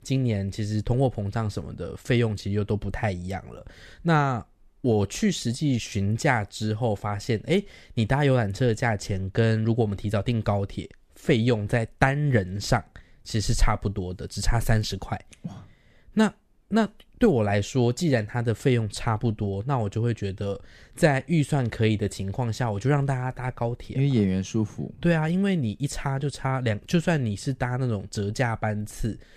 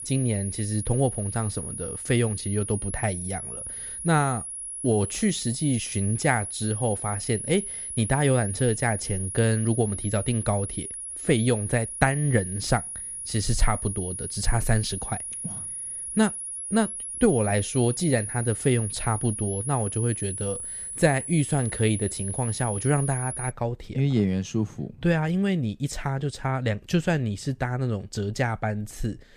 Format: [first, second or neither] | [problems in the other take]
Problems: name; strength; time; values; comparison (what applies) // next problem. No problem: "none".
first | high-pitched whine; loud; until 24 s; 10.5 kHz, 6 dB below the speech